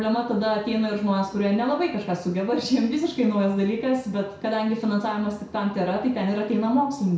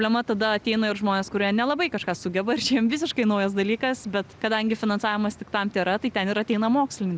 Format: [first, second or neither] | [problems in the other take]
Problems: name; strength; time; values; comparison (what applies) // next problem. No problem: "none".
second | room echo; dies away in 0.6 s